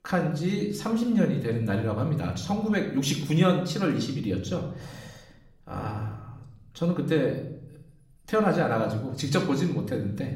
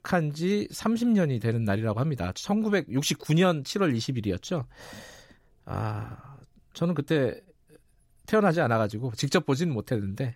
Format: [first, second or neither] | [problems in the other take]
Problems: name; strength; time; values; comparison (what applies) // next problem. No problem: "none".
second | room echo; slight; dies away in 0.7 s // off-mic speech; somewhat distant